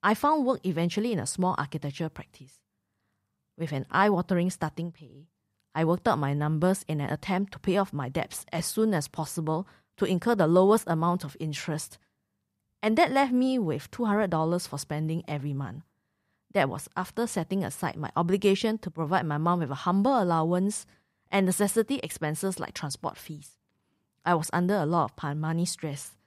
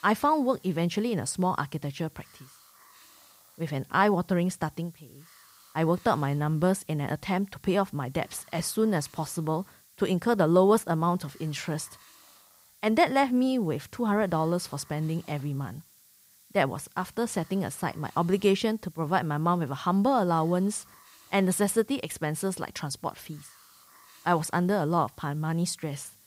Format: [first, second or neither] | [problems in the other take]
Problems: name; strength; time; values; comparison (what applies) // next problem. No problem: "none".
first | hiss; faint; throughout; 25 dB below the speech